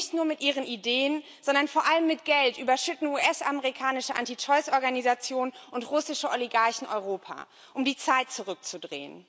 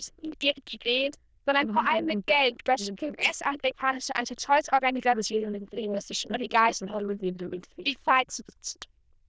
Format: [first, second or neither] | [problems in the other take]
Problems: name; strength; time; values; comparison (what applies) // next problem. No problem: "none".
first | noise reduction (neural diffusion model UNIVERSE++)